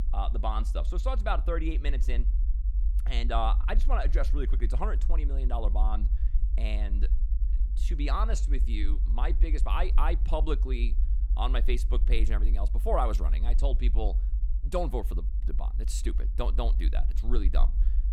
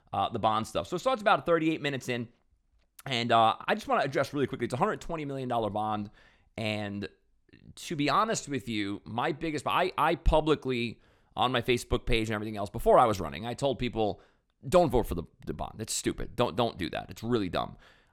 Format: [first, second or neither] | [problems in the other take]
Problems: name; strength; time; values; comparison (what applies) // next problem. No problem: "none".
second | low rumble; noticeable; throughout; 15 dB below the speech